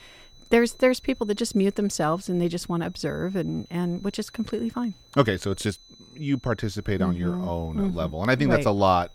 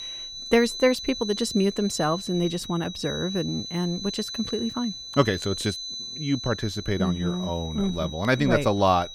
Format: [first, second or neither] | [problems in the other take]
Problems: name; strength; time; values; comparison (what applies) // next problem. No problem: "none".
first | high-pitched whine; loud; throughout; 4 kHz, 8 dB below the speech; faint in the first